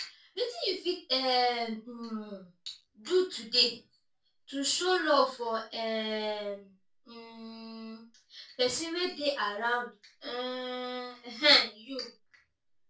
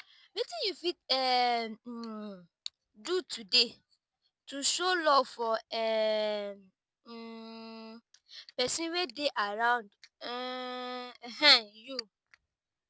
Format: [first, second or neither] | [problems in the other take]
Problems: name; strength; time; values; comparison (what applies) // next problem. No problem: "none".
second | room echo; dies away in 0.2 s